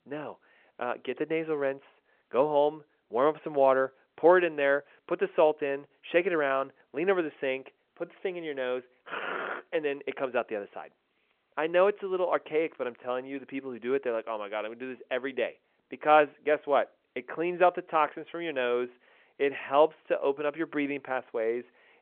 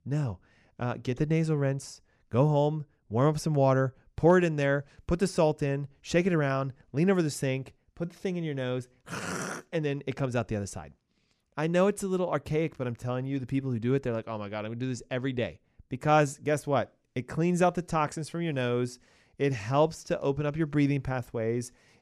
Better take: second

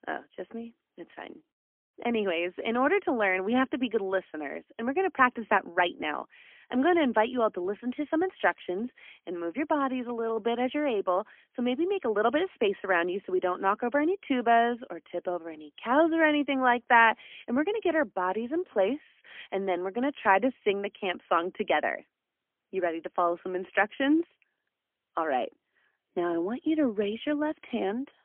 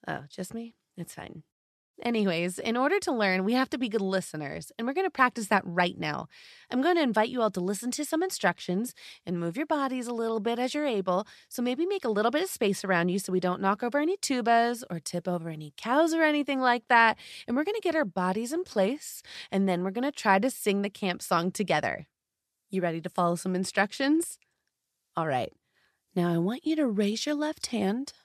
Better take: second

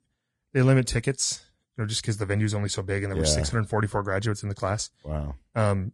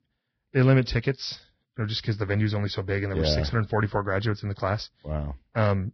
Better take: first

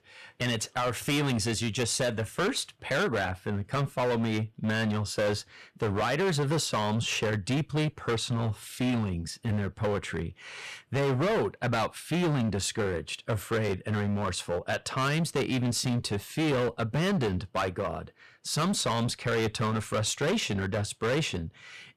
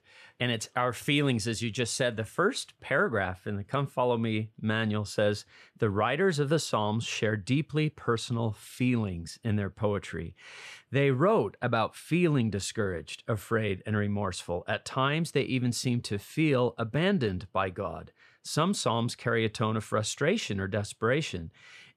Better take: second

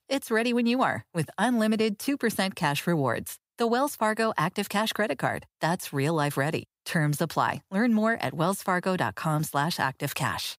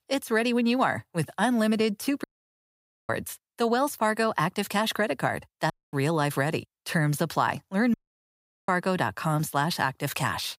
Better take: first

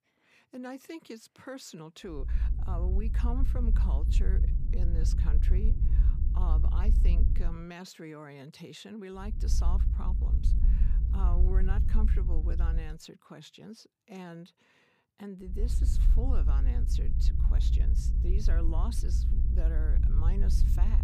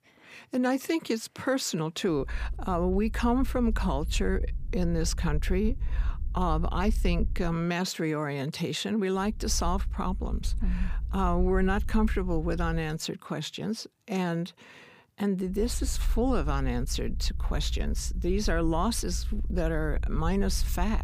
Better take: second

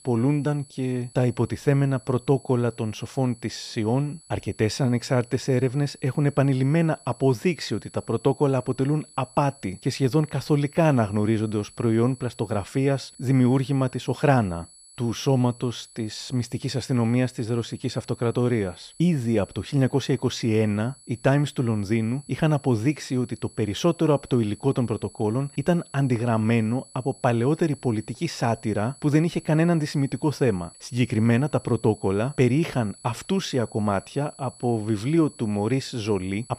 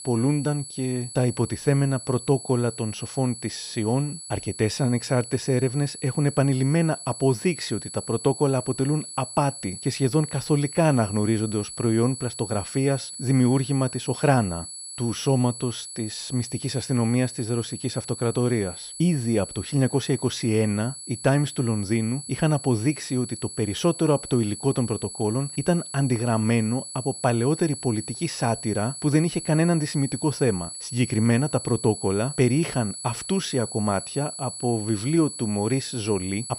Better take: first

